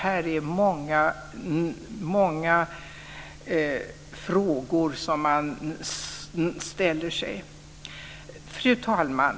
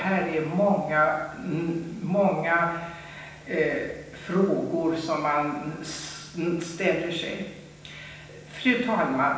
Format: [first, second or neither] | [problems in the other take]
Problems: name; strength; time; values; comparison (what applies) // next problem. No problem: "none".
first | room echo; dies away in 0.9 s